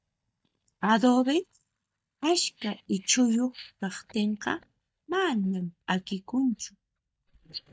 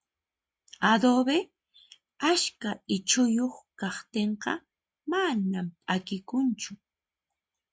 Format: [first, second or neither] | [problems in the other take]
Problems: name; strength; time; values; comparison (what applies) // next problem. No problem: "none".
second | noise reduction (neural mask model DeepFilterNet 3)